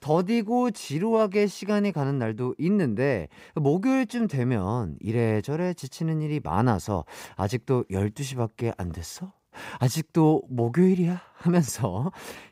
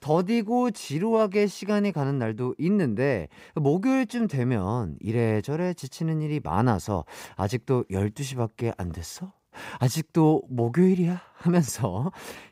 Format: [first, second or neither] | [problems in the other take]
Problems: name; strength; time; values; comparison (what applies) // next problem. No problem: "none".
neither | none